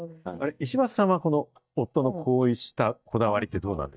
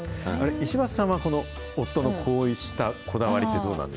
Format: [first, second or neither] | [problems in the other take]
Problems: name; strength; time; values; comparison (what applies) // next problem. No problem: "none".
second | noise reduction (neural mask model DeepFilterNet 3)